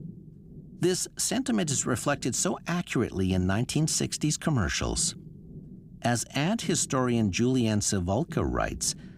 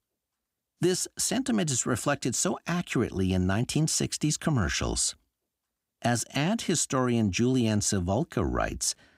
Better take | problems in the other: second | low rumble; faint; throughout; 25 dB below the speech

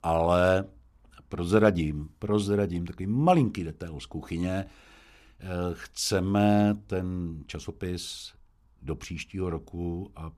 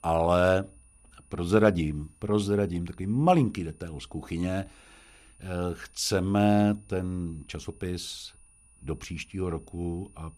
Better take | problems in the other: first | high-pitched whine; faint; throughout; 9.5 kHz, 30 dB below the speech

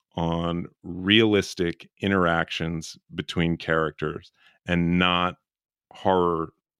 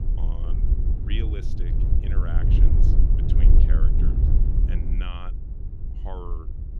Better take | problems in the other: first | wind noise on the microphone; heavy; 2 dB above the speech

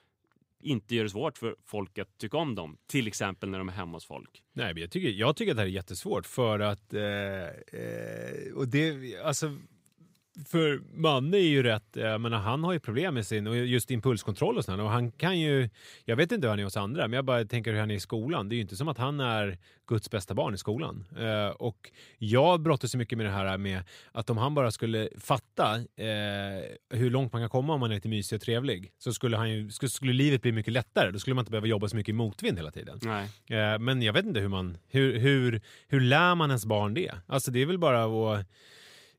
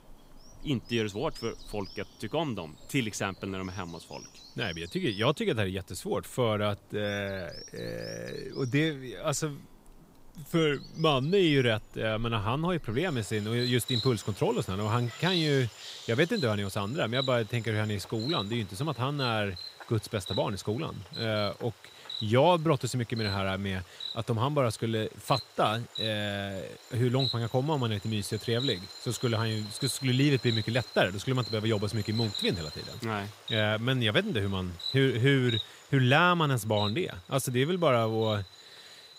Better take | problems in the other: first | animal sounds; loud; throughout; 10 dB below the speech

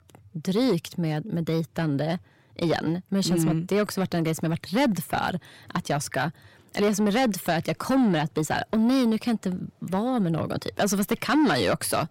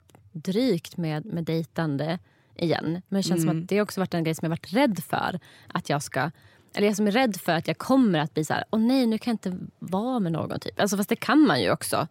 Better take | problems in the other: second | distortion; slight; 10 dB below the speech

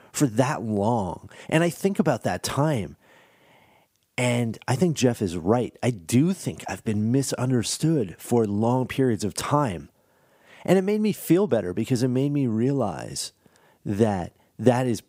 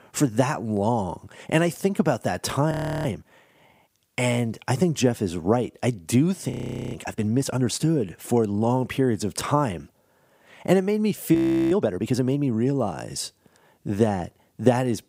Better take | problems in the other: first | audio freezing; at 2.5 s, at 6.5 s and at 11 s

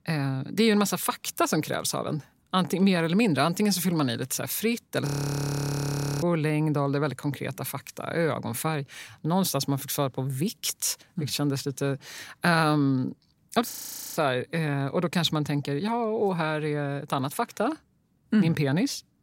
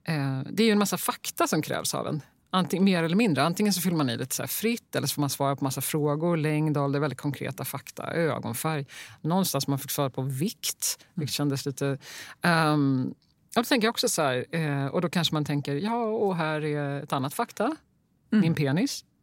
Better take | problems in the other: second | audio freezing; at 5 s for 1 s and at 14 s

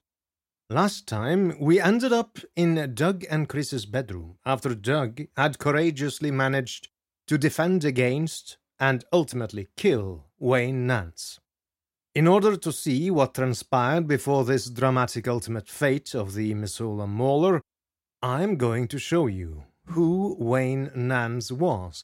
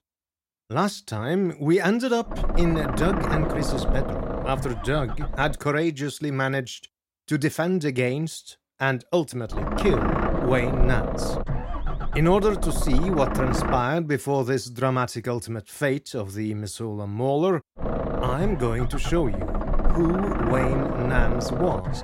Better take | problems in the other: first | low rumble; loud; from 2.5 to 5.5 s, from 9.5 to 14 s and from 18 s on; 3 dB below the speech

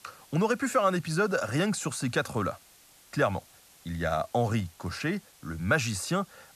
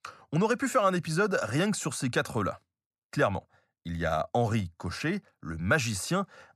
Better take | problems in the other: second | hiss; faint; throughout; 25 dB below the speech

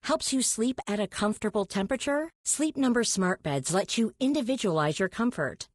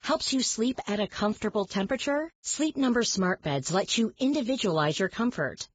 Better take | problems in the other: first | garbled, watery; badly; nothing above 7.5 kHz; slightly in the first

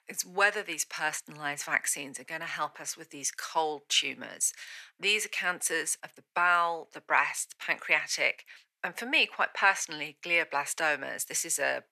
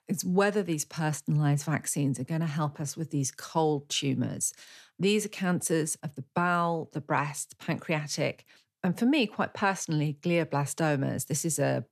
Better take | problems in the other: second | thin; very; fading below 700 Hz

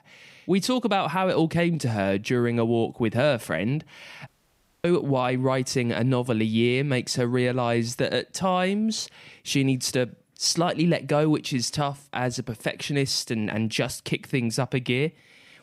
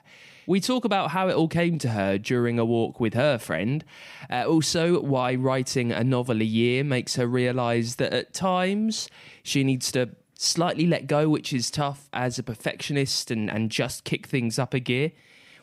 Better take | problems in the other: second | audio cutting out; at 4.5 s for 0.5 s

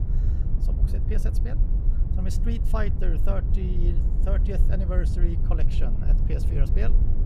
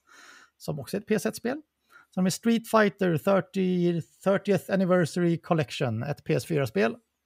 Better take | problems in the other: second | low rumble; loud; throughout; 5 dB below the speech

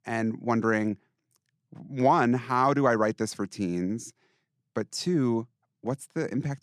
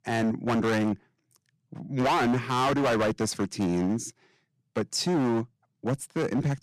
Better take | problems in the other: first | distortion; heavy; 15% of the sound clipped

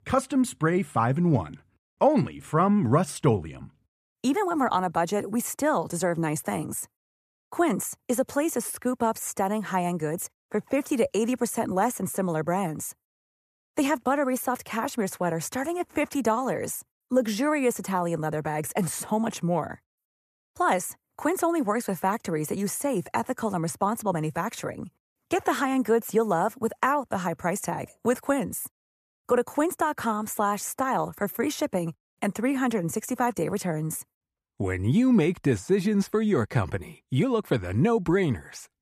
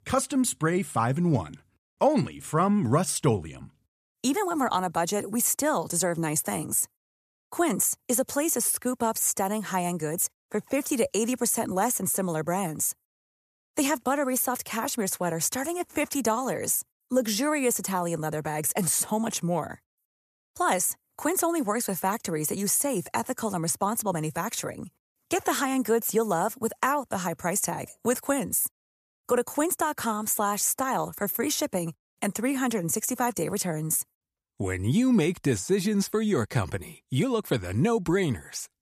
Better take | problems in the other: second | muffled; slightly; fading above 3.5 kHz

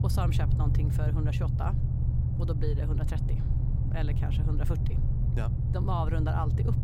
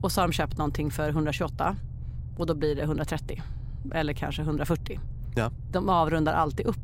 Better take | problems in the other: second | low rumble; loud; throughout; 3 dB below the speech; faint in the second

